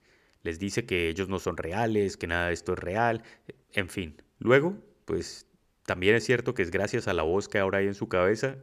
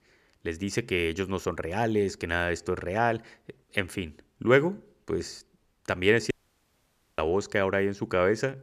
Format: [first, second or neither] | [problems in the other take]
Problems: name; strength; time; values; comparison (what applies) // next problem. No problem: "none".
first | audio cutting out; at 6.5 s for 1 s